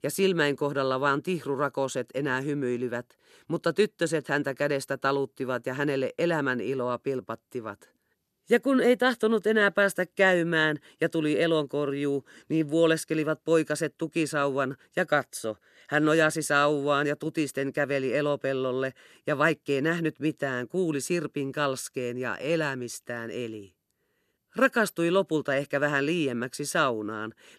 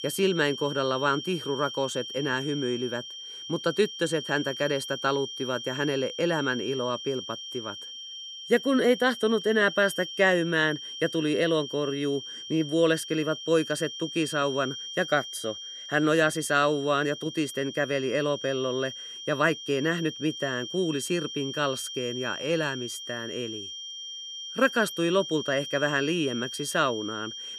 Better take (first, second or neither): first